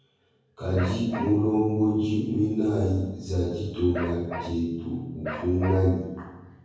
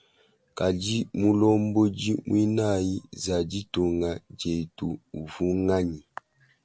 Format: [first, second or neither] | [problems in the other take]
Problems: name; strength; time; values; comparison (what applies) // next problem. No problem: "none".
second | background sound (Bark); 12 dB below the speech // room echo; dies away in 1.3 s